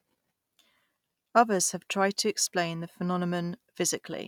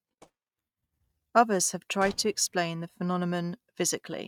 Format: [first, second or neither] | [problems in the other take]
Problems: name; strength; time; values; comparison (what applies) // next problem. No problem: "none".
first | noise reduction (neural mask model RNNoise)